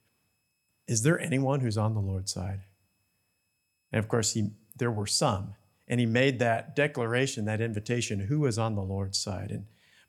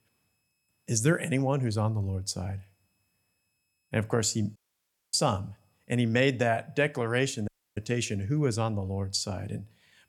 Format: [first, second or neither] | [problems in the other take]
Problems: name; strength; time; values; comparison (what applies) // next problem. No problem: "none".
first | audio cutting out; at 4.5 s for 0.5 s and at 7.5 s